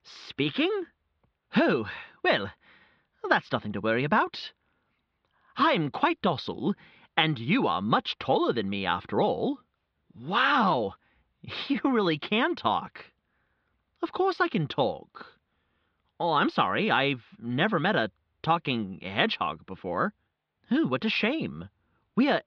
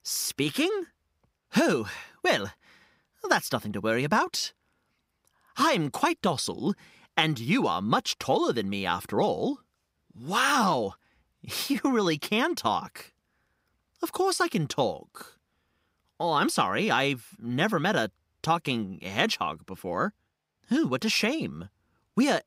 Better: second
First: muffled; slightly; fading above 4 kHz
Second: none

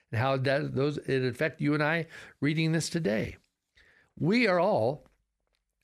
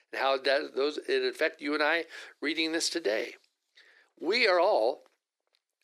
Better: first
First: none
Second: thin; somewhat; fading below 350 Hz

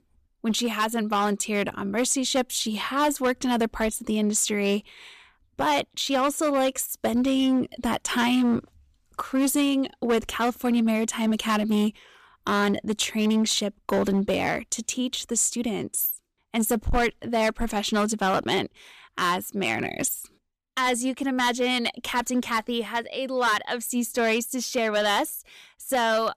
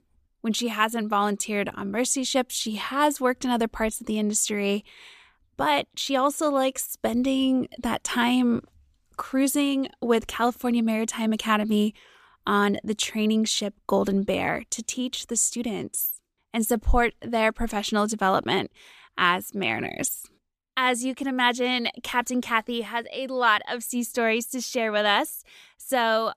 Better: second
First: distortion; slight; 7% of the sound clipped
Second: none

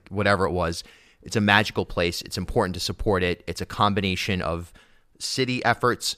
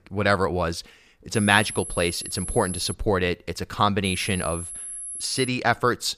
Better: first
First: none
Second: high-pitched whine; loud; from 1.5 to 3 s and from 4 to 5.5 s; 11 kHz, 9 dB below the speech

